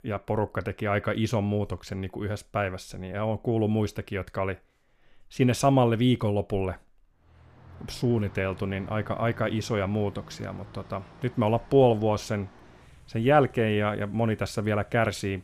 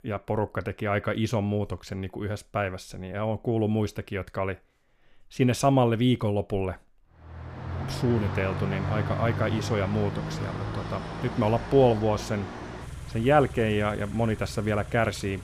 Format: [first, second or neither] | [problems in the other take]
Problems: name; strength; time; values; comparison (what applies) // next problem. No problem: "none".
first | traffic noise; loud; from 7.5 s on; 8 dB below the speech; faint in the first